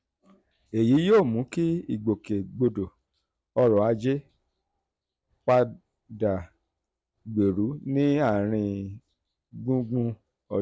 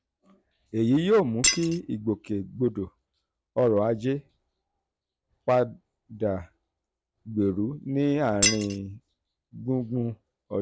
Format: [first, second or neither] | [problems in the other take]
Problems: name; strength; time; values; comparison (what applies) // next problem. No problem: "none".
first | background sound (Shatter); 2 dB above the speech